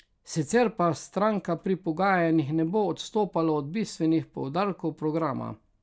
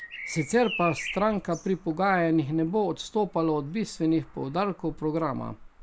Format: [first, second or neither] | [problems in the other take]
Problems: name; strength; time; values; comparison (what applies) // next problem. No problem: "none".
first | background sound (Bird vocalization, bird call, bird song); 15 dB below the speech